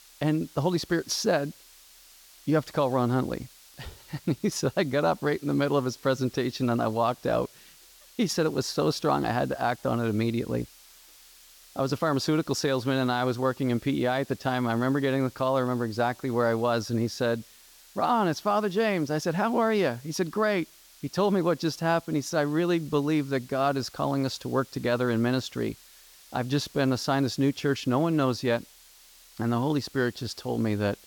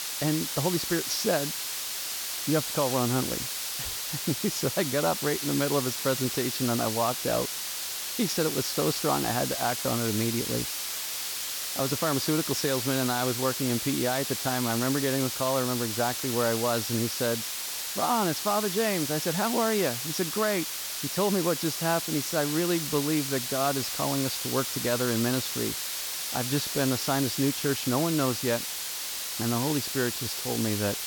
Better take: first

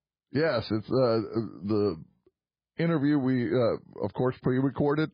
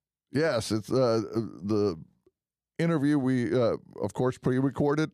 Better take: second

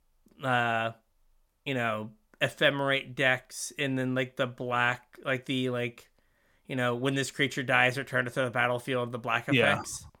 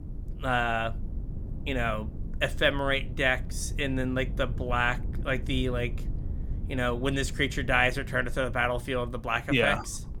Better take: first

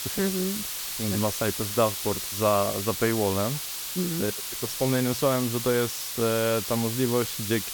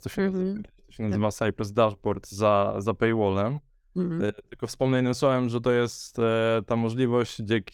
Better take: second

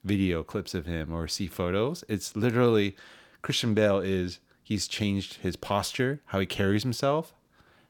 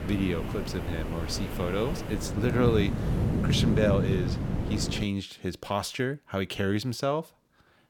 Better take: first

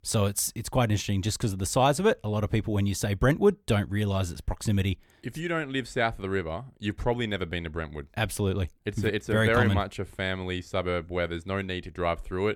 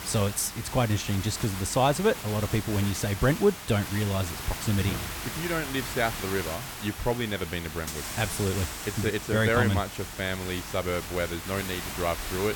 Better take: first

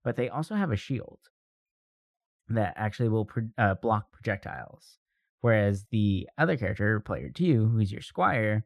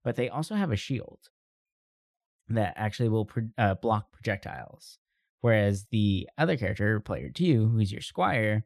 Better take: second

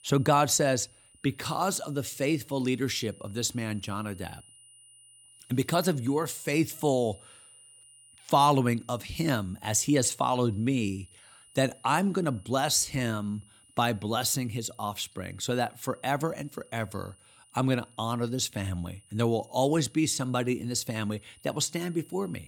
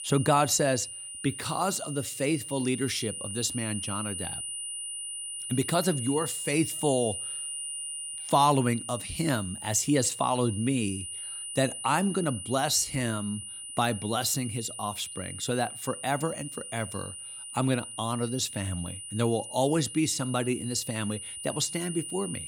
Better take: first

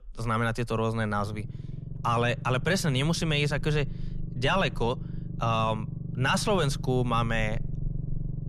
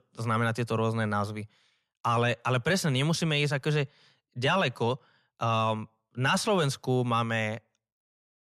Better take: second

